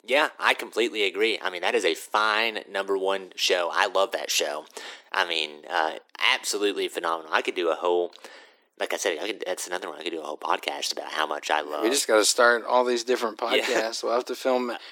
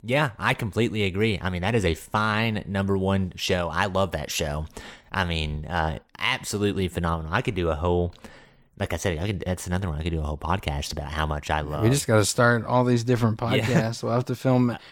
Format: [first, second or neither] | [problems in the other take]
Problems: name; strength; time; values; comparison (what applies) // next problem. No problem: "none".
second | thin; very; fading below 300 Hz